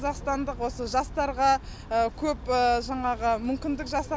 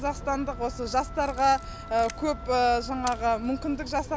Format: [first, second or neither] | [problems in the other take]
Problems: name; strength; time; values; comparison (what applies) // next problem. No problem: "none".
first | background sound (Wind instrument, woodwind instrument + Camera); 18 dB below the speech